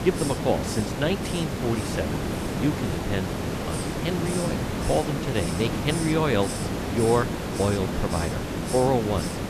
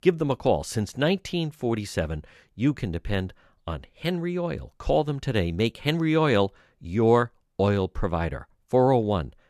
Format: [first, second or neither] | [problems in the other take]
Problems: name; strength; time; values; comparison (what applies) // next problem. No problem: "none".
second | hiss; loud; throughout; 2 dB below the speech